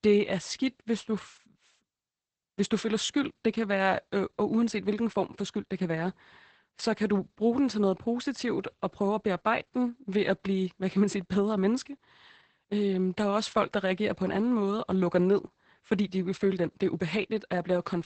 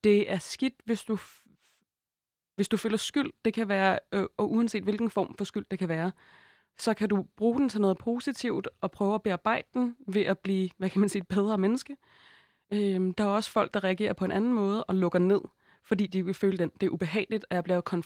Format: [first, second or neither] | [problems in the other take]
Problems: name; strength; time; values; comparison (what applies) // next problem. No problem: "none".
second | garbled, watery; badly; nothing above 8 kHz; slightly in the second